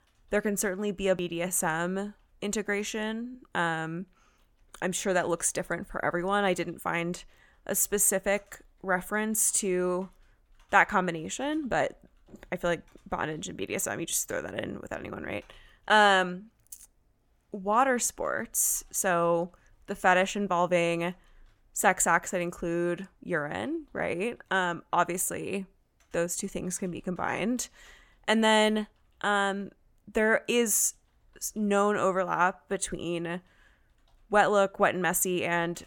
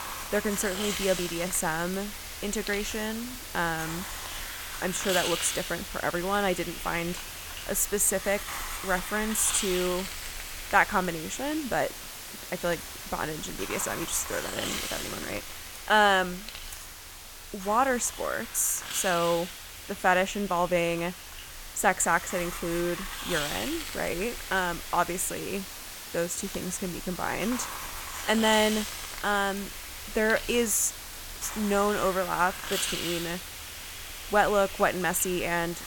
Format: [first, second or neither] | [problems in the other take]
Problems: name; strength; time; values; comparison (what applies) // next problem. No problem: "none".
first | hiss; loud; throughout; 7 dB below the speech